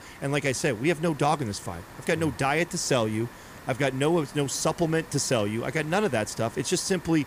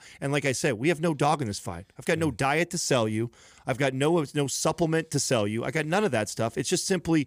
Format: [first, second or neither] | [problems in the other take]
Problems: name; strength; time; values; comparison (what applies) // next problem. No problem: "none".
second | hiss; noticeable; throughout; 20 dB below the speech